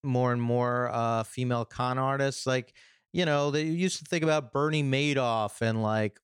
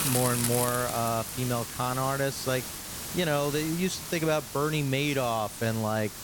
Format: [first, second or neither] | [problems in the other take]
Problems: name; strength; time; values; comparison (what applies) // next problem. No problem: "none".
first | hiss; loud; throughout; 5 dB below the speech